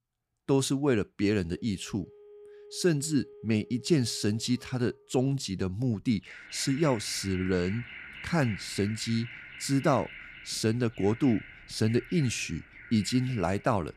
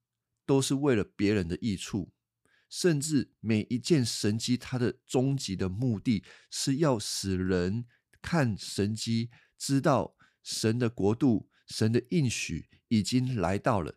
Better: second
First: alarms or sirens; noticeable; throughout; 15 dB below the speech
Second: none

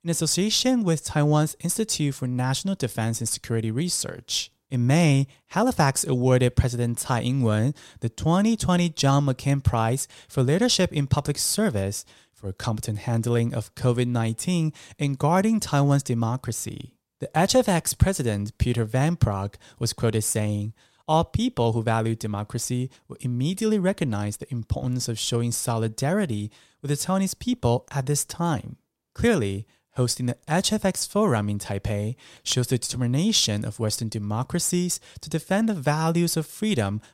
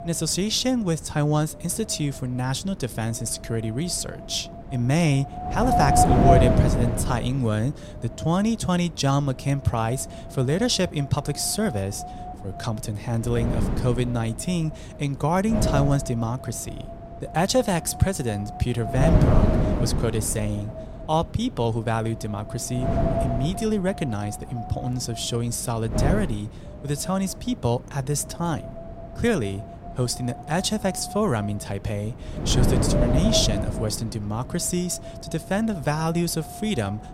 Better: first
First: none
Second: wind noise on the microphone; heavy; 2 dB below the speech

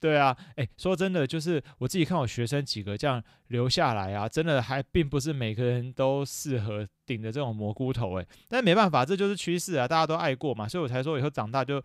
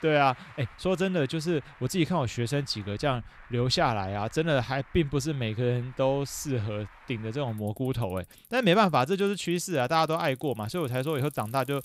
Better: first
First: none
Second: traffic noise; faint; throughout; 25 dB below the speech

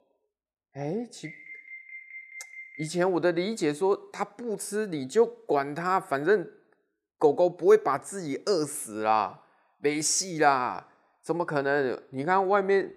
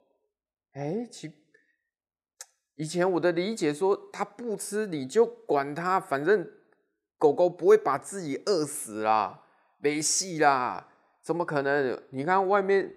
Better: second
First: alarm; faint; from 1 to 3 s; peak 15 dB below the speech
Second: none

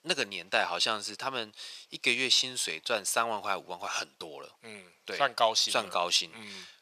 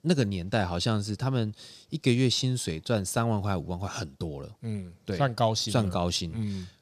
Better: second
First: thin; very; fading below 700 Hz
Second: none

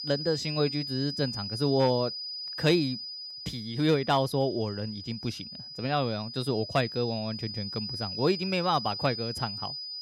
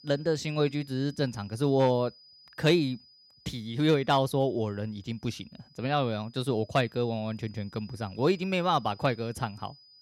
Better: second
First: high-pitched whine; loud; throughout; 5 kHz, 6 dB below the speech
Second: high-pitched whine; faint; throughout; 5 kHz, 25 dB below the speech

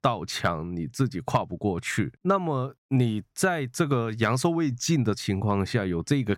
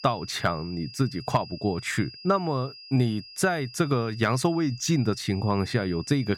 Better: first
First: none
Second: high-pitched whine; noticeable; throughout; 5 kHz, 15 dB below the speech

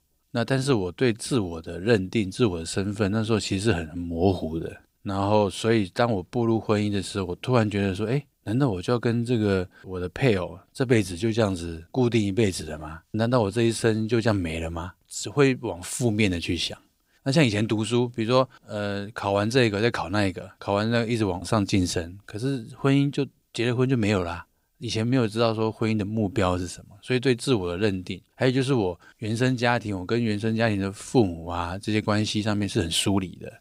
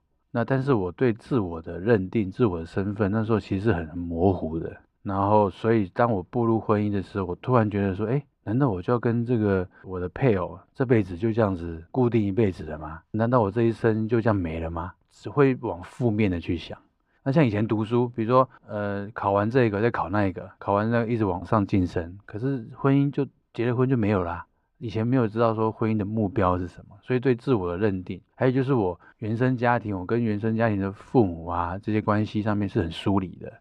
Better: first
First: none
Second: muffled; very; fading above 3.5 kHz

